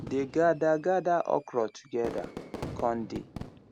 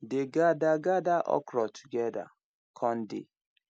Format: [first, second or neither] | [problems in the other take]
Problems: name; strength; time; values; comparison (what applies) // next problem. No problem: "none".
second | background sound (Fireworks); 13 dB below the speech